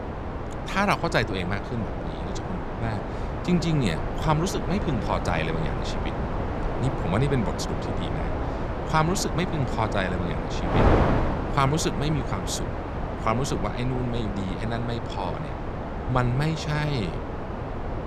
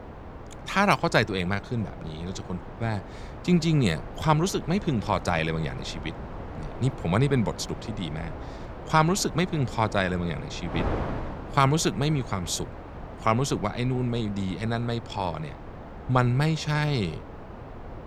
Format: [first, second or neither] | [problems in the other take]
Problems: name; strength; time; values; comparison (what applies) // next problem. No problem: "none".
second | wind noise on the microphone; heavy; 3 dB below the speech; occasional gusts in the second